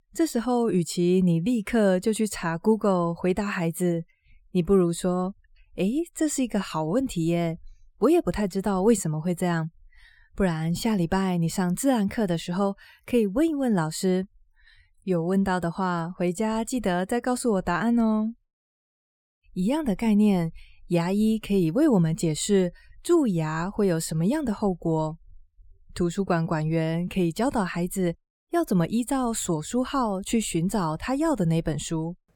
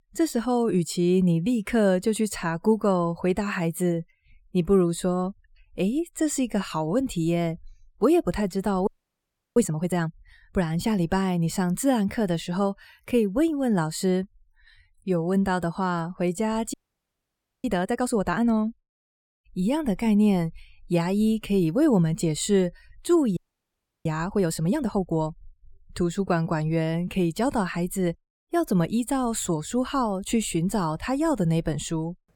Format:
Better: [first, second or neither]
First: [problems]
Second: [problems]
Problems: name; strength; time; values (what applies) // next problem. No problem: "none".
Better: first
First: none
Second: audio freezing; at 9 s for 0.5 s, at 17 s for 1 s and at 23 s for 0.5 s